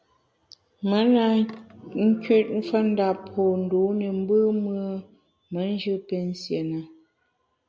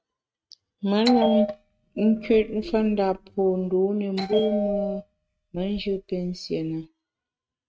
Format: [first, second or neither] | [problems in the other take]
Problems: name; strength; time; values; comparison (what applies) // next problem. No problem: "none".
first | noise reduction (neural mask model RNNoise)